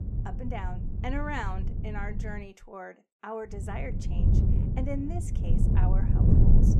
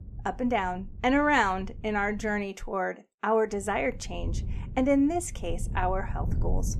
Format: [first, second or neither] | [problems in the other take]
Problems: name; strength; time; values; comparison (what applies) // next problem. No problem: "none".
second | wind noise on the microphone; heavy; until 2.5 s and from 3.5 s on; 2 dB below the speech; occasional gusts in the second